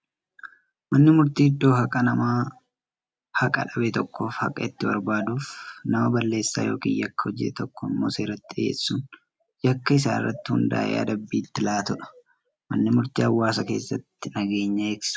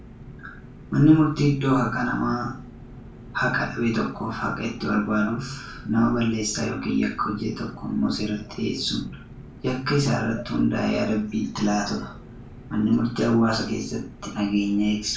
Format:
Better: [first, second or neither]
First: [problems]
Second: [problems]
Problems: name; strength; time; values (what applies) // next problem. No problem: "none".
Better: first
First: none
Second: background sound (Engine); 17 dB below the speech // room echo; dies away in 0.3 s